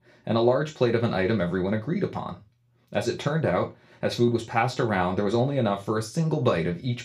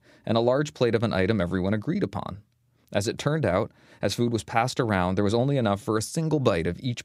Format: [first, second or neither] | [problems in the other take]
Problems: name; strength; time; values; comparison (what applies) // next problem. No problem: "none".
second | room echo; very slight; dies away in 0.3 s // off-mic speech; somewhat distant